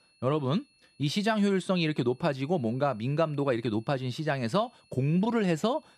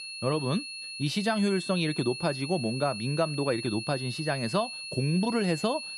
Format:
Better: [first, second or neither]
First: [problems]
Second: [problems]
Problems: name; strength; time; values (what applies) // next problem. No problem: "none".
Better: first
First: high-pitched whine; faint; throughout; 4.5 kHz, 35 dB below the speech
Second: high-pitched whine; loud; throughout; 4.5 kHz, 7 dB below the speech